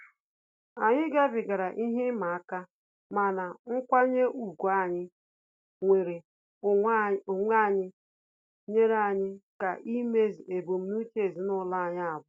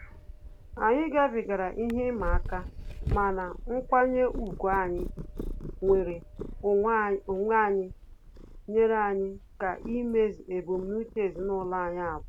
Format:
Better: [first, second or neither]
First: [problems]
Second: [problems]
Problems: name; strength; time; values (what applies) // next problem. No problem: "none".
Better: first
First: none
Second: background sound (Purr); 9 dB below the speech